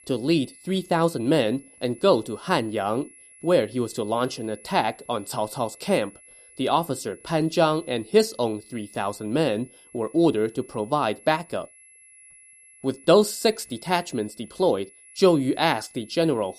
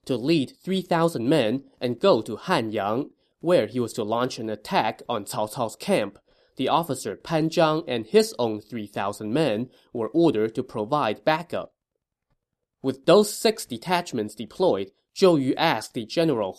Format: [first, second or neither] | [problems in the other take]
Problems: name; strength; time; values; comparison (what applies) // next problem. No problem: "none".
second | high-pitched whine; faint; throughout; 11 kHz, 25 dB below the speech